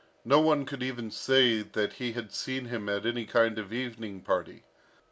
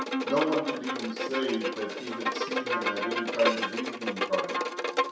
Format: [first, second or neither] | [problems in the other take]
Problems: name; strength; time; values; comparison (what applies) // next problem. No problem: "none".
first | background sound (Bowed string instrument); 1 dB above the speech // room echo; dies away in 0.7 s